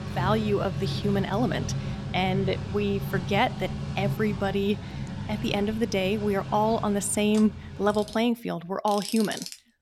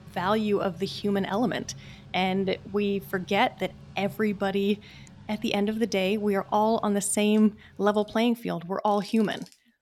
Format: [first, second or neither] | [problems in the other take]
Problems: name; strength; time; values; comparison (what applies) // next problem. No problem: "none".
second | machinery noise; loud; throughout; 7 dB below the speech; faint in the second